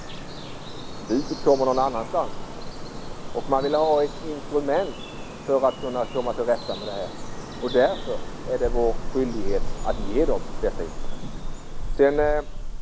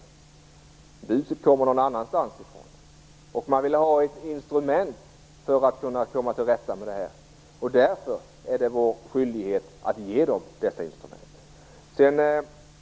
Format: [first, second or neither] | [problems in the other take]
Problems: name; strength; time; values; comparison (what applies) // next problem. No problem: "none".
second | background sound (Bird vocalization, bird call, bird song); 3 dB below the speech